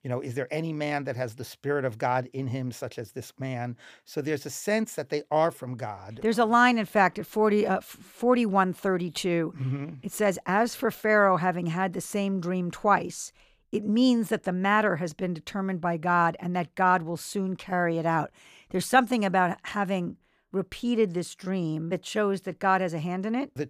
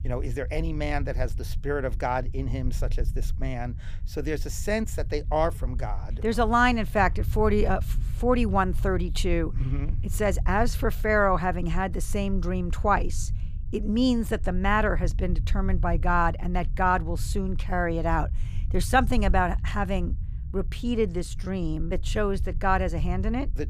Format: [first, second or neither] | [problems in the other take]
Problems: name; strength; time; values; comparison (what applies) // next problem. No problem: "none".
first | low rumble; faint; throughout; 25 dB below the speech